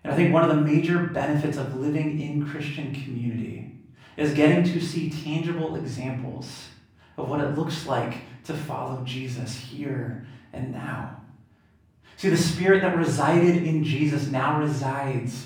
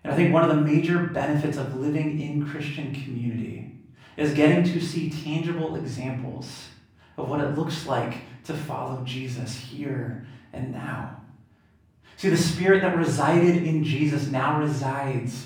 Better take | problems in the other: neither | room echo; noticeable; dies away in 0.5 s; the same in both // off-mic speech; far; the same in both

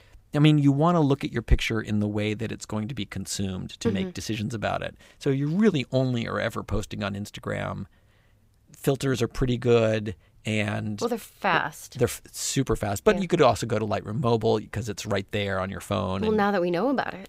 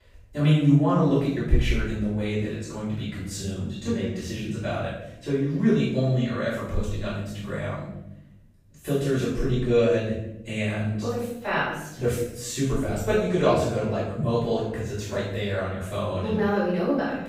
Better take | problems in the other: first | off-mic speech; far // room echo; strong; dies away in 0.8 s

